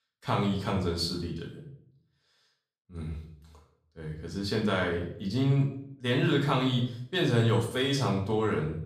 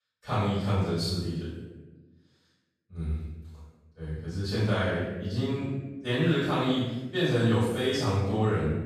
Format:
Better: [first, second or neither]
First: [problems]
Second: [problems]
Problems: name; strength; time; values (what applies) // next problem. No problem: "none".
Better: first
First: room echo; slight; dies away in 0.5 s // off-mic speech; far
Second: room echo; strong; dies away in 1 s // off-mic speech; far